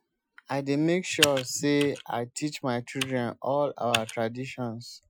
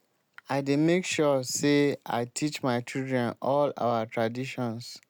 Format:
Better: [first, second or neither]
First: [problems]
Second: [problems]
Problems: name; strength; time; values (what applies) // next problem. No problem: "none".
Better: second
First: noise reduction (classical method Wiener filter)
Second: none